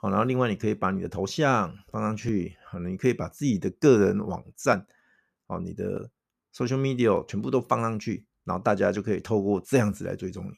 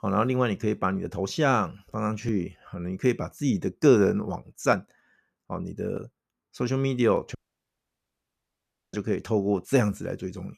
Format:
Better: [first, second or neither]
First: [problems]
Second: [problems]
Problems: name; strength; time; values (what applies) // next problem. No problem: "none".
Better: first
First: none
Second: audio cutting out; at 7.5 s for 1.5 s